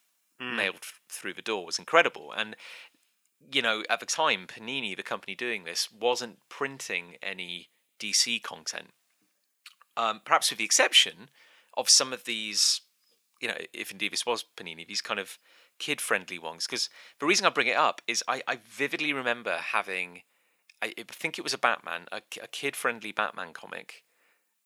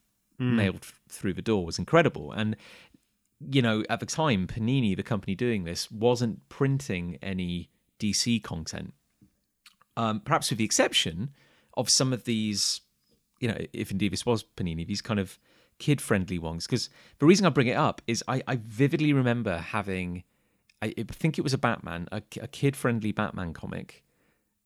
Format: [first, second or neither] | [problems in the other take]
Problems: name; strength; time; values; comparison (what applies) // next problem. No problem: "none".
second | thin; very; fading below 650 Hz